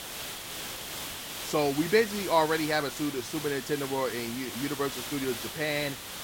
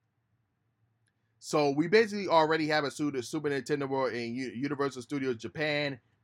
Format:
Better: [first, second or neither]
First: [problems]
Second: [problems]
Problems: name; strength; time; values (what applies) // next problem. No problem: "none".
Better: second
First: hiss; loud; throughout; 7 dB below the speech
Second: none